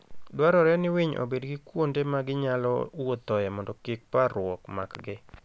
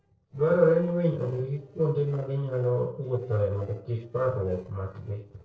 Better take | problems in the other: first | noise reduction (neural separator model SepFormer DNS4)

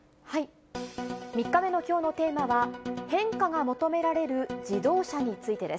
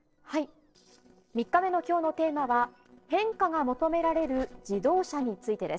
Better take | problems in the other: first | noise reduction (neural separator model SepFormer DNS4)

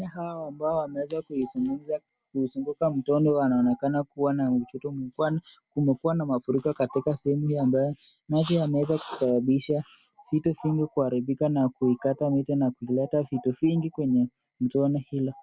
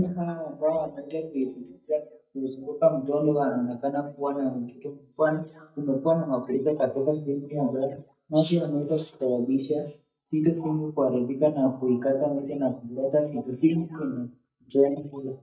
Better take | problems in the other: first | noise reduction (neural mask model DeepFilterNet 3)

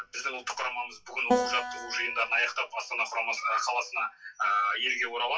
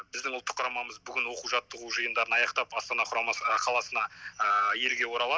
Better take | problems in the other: second | noise reduction (classical method WPE with log-MMSE)

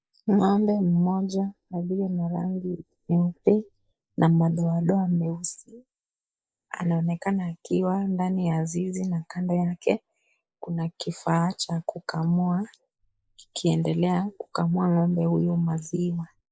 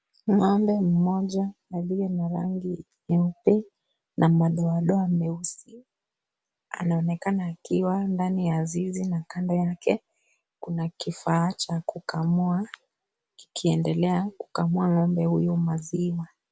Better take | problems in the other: second | noise reduction (neural mask model Resemble Enhance denoiser)

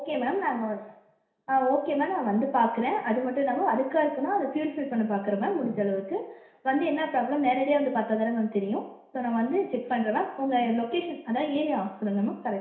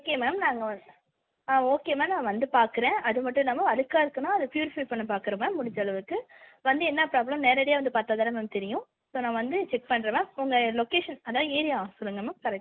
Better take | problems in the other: second | room echo; dies away in 0.7 s

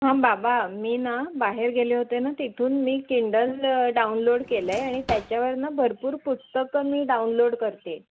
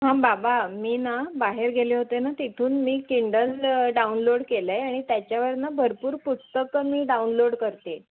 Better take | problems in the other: second | background sound (Drawer open or close); 14 dB below the speech

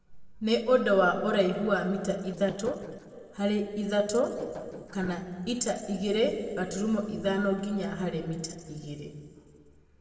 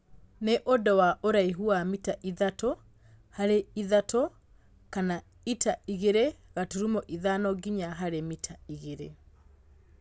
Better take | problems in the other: second | noise reduction (neural separator model SepFormer DNS4)

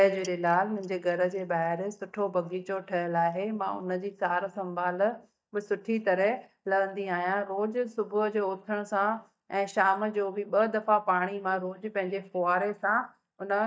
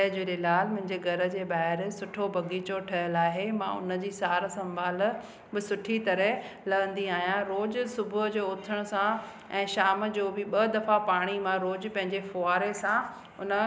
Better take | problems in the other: second | noise reduction (neural mask model DeepFilterNet 3)

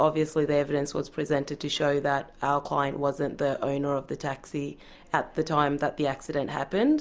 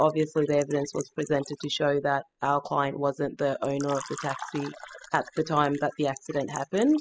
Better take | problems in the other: first | noise reduction (classical method spectral subtraction)

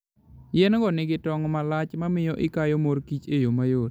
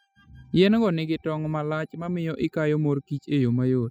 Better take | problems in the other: first | noise reduction (classical method spectral subtraction)

